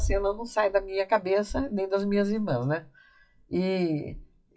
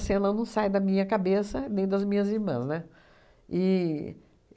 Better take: second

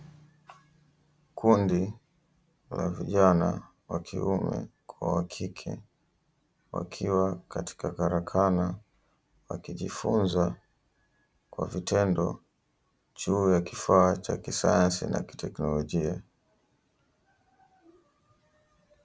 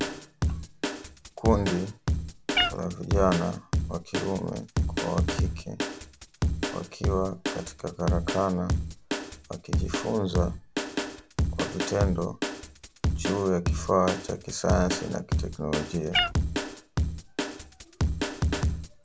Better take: first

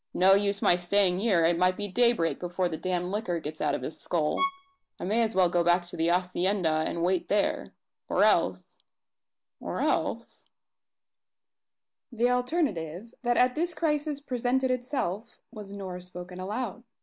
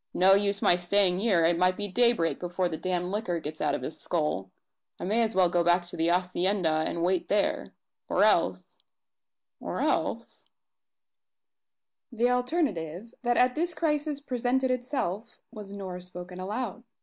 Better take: second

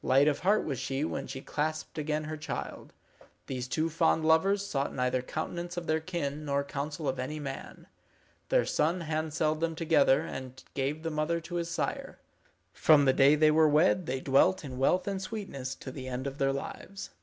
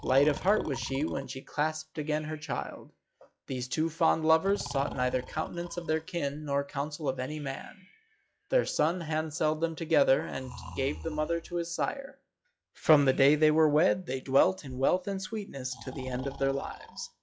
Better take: first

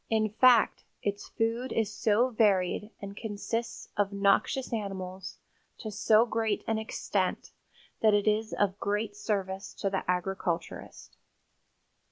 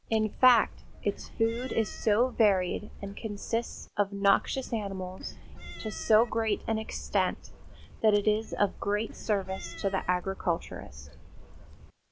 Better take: first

